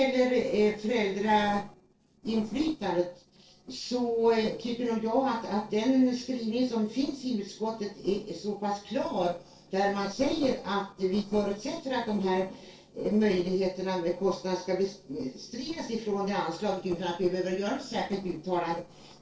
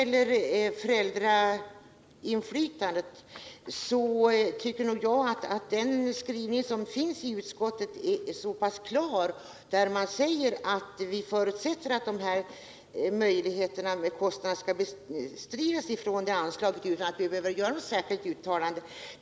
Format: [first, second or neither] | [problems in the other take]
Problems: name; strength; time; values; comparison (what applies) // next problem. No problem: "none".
second | noise reduction (neural separator model SepFormer DNS4)